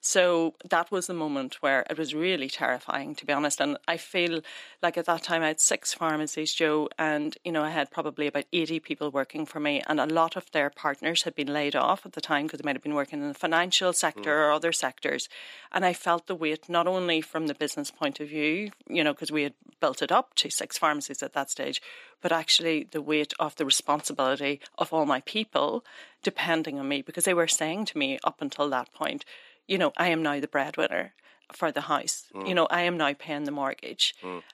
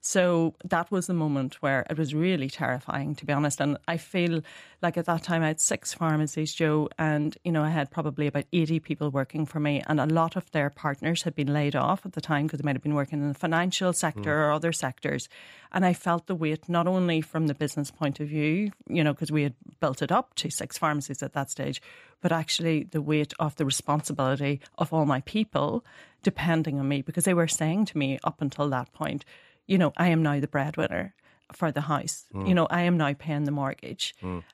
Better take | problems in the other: second | thin; somewhat; fading below 300 Hz

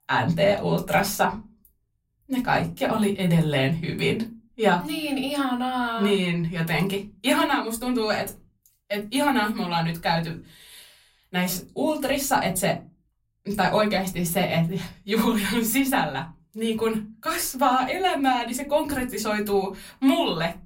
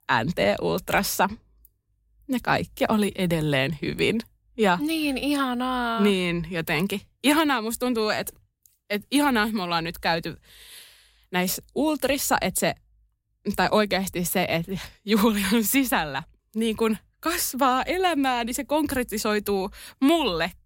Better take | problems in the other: second | off-mic speech; somewhat distant // room echo; very slight; dies away in 0.2 s

